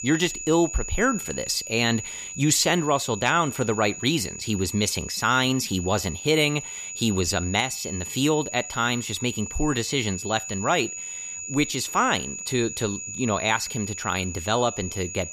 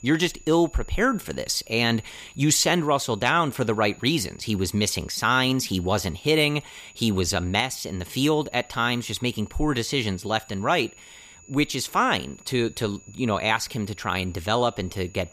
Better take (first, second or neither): second